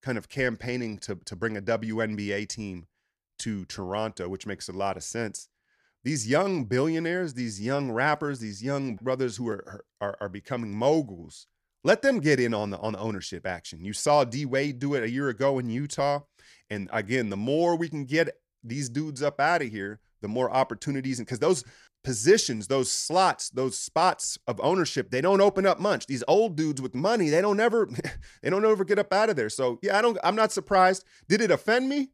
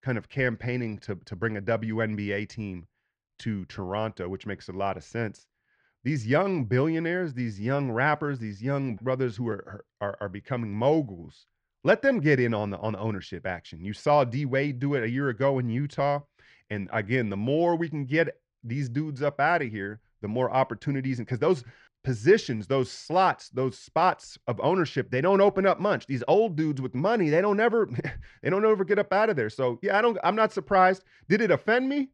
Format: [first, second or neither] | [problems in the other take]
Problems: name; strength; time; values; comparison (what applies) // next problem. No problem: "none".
first | muffled; slightly; fading above 2.5 kHz